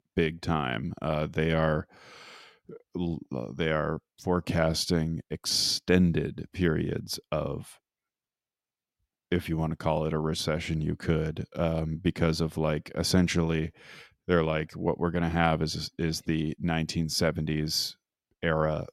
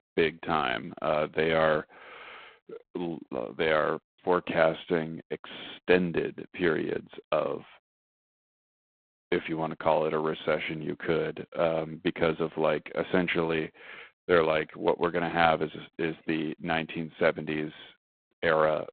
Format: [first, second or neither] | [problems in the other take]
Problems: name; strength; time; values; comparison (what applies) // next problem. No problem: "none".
first | phone-call audio; poor line; nothing above 4 kHz